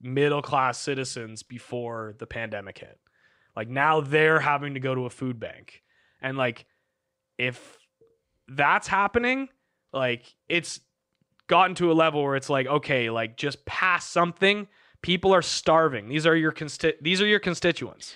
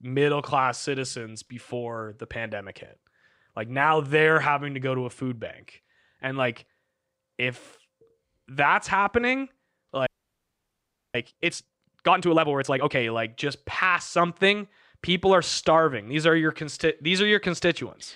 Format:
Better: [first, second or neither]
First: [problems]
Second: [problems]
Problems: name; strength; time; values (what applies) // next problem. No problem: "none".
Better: first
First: none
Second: audio freezing; at 10 s for 1 s